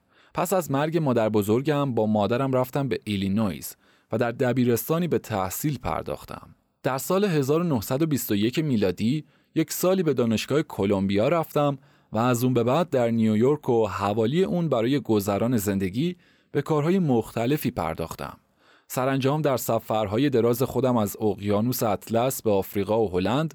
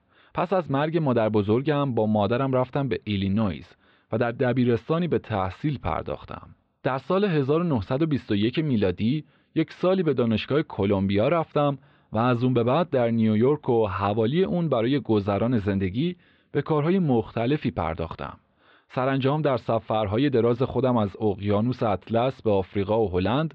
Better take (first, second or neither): first